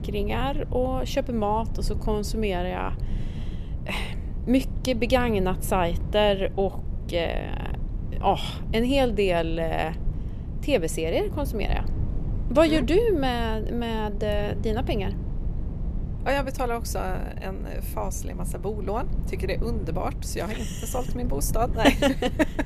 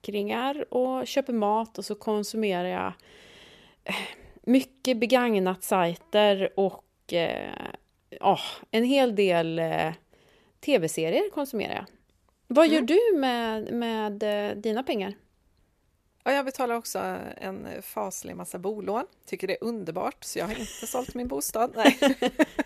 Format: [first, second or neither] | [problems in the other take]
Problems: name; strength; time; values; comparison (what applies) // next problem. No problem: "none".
second | low rumble; noticeable; throughout; 20 dB below the speech